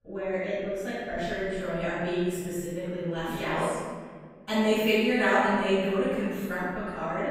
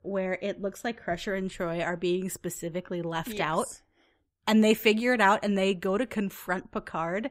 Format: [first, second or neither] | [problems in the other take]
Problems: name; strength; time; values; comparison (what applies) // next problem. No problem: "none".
second | room echo; strong; dies away in 1.5 s // off-mic speech; far